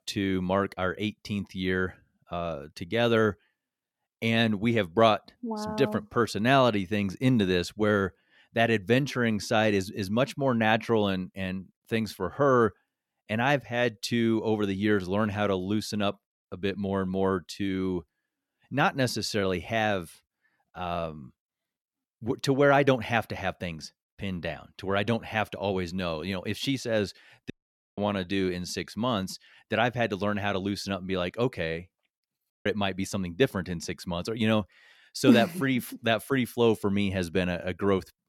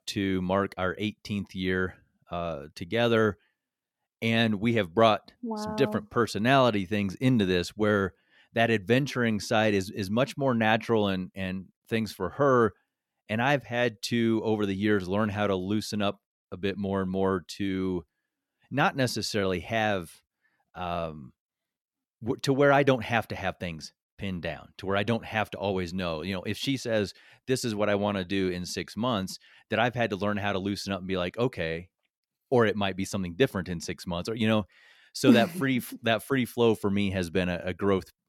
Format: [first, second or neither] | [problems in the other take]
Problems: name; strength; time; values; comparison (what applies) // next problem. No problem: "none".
second | audio cutting out; at 28 s and at 33 s